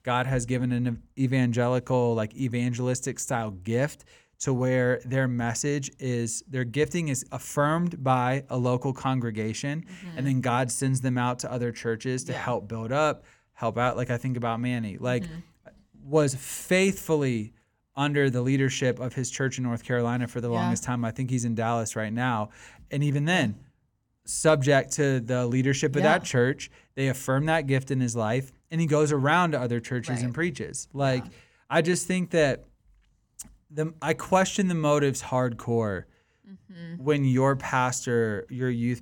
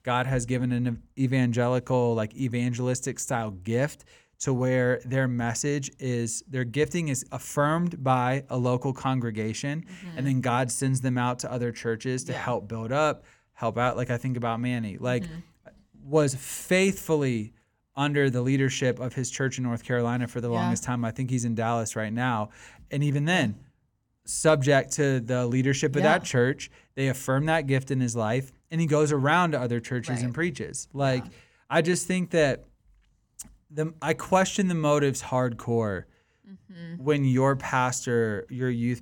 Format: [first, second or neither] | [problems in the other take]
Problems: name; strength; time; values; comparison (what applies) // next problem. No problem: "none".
neither | none